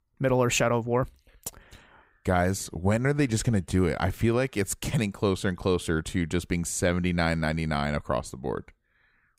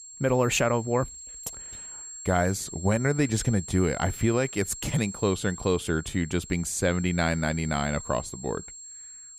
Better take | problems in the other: first | high-pitched whine; noticeable; throughout; 7.5 kHz, 10 dB below the speech

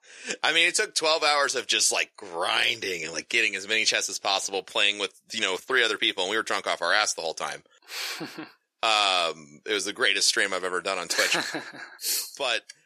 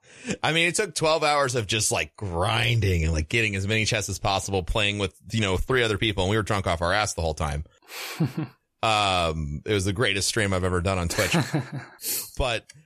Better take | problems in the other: second | thin; very; fading below 300 Hz

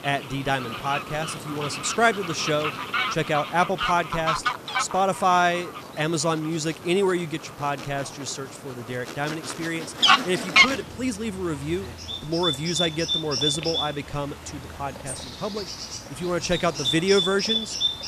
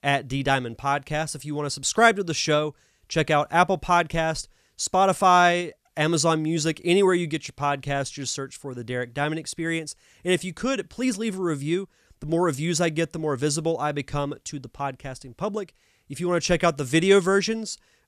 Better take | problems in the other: second | animal sounds; very loud; throughout; 1 dB above the speech

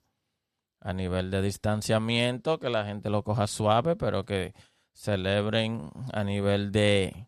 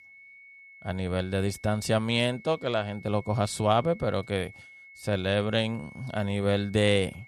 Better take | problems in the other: first | high-pitched whine; faint; throughout; 2 kHz, 20 dB below the speech

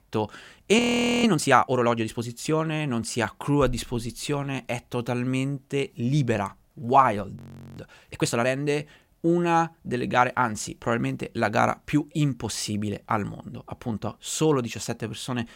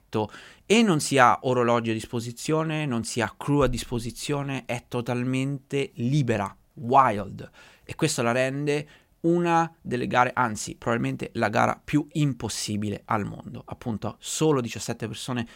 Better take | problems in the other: second | audio freezing; at 1 s and at 7.5 s

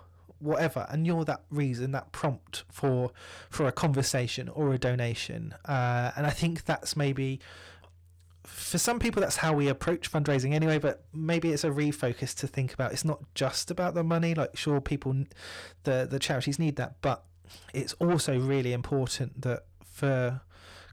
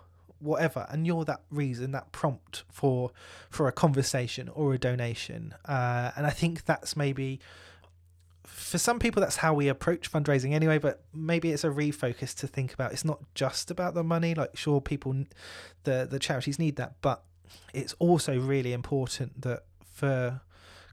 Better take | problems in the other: second | distortion; slight; 10 dB below the speech

